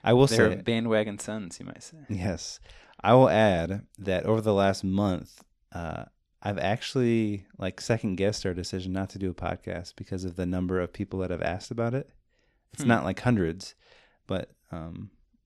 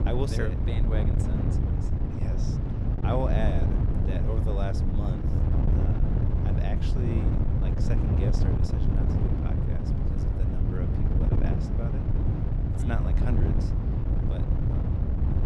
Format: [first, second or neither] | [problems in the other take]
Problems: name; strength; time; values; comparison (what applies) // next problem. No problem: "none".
first | wind noise on the microphone; heavy; 1 dB above the speech